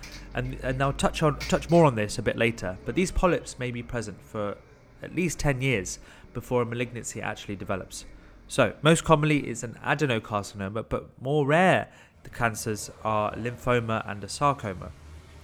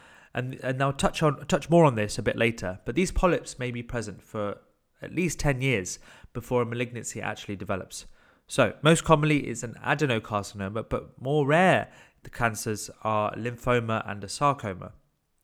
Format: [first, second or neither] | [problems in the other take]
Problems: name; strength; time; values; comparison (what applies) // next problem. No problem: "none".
second | traffic noise; faint; throughout; 20 dB below the speech